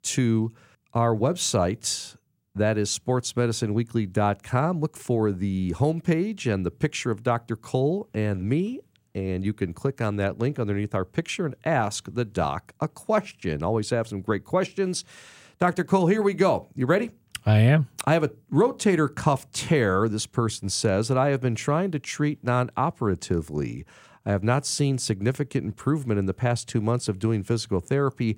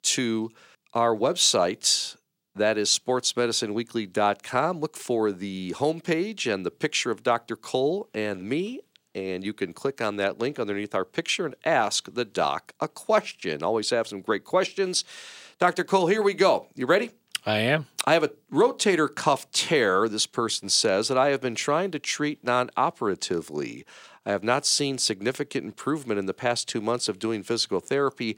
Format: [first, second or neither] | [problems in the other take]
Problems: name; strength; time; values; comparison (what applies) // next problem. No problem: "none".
first | thin; somewhat; fading below 300 Hz